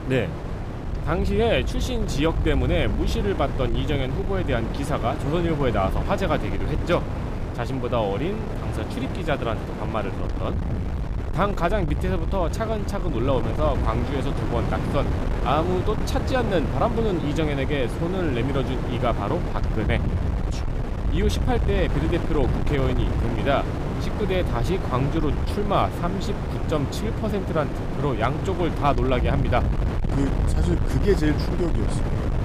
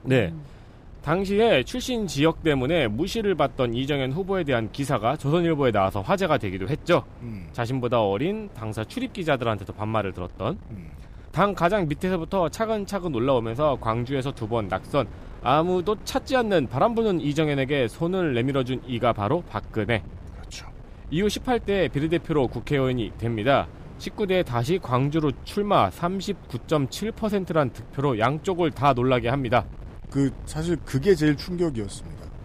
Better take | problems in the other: second | wind noise on the microphone; heavy; 7 dB below the speech; occasional gusts in the second

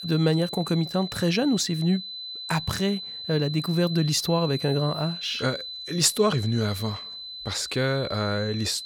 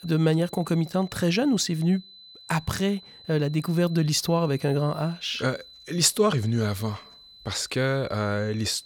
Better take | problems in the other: second | high-pitched whine; loud; throughout; 4 kHz, 8 dB below the speech; faint in the second

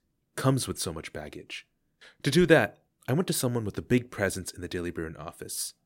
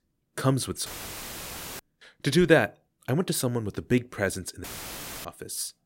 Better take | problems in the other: first | audio cutting out; filled with static; at 1 s for 1 s and at 4.5 s for 0.5 s

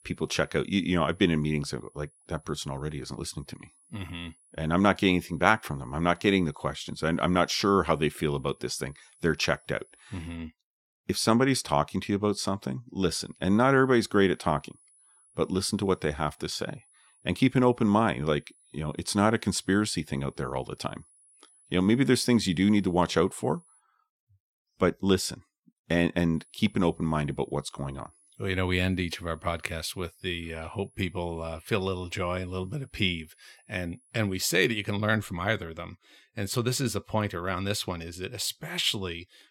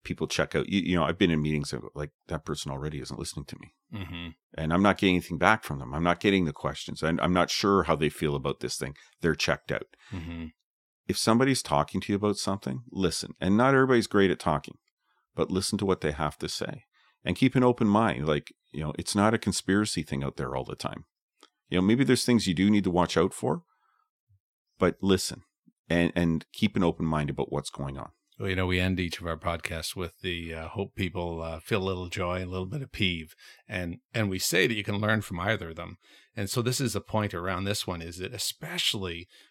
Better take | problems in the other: second | high-pitched whine; faint; until 10 s, from 13 to 24 s and from 26 to 35 s; 10 kHz, 30 dB below the speech

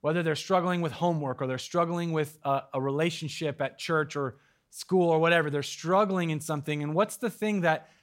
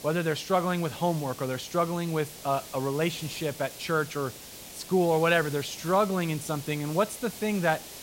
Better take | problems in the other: first | hiss; noticeable; throughout; 15 dB below the speech

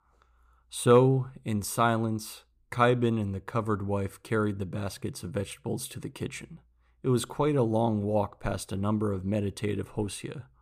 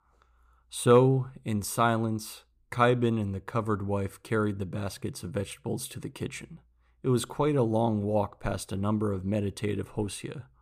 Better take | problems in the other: neither | none

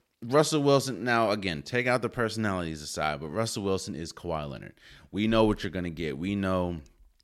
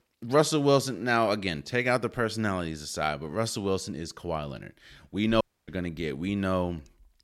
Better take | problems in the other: first | audio cutting out; at 5.5 s

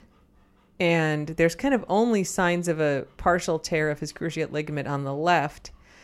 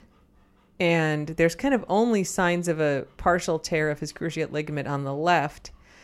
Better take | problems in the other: neither | none

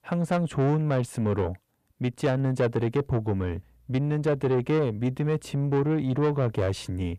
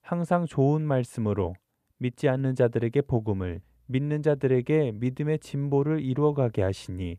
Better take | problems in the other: second | distortion; slight; 10 dB below the speech

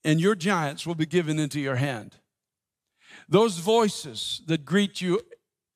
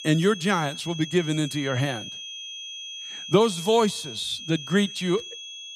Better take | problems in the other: first | high-pitched whine; noticeable; throughout; 3.5 kHz, 10 dB below the speech

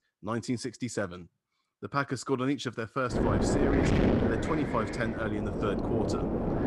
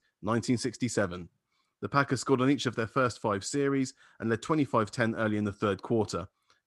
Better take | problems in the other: second | wind noise on the microphone; heavy; from 3 s on; 1 dB above the speech

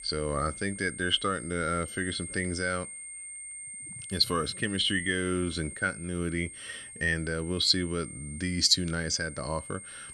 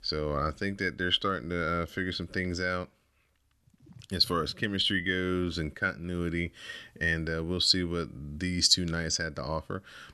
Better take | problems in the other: second | high-pitched whine; noticeable; throughout; 8.5 kHz, 10 dB below the speech

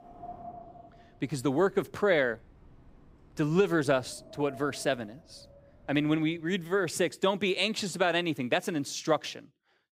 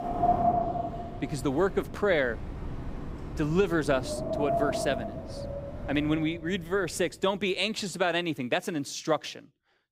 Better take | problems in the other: first | wind in the background; loud; until 6.5 s; 4 dB below the speech; faint in the first

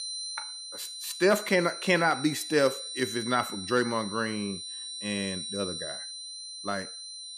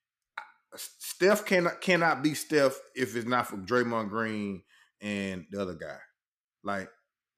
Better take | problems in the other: second | high-pitched whine; loud; throughout; 4 kHz, 8 dB below the speech

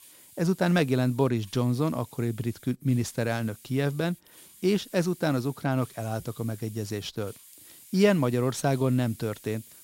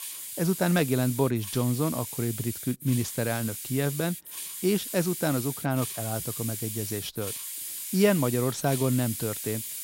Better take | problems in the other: first | hiss; loud; throughout; 6 dB below the speech; faint in the first

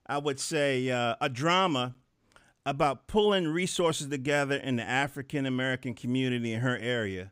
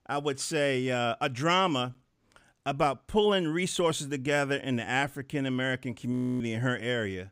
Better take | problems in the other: first | audio freezing; at 6 s

